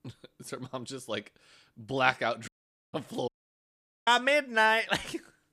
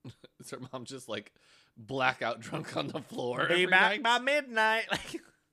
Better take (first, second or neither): second